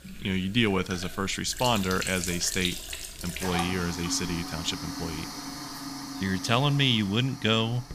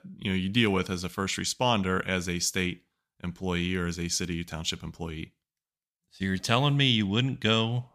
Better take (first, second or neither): second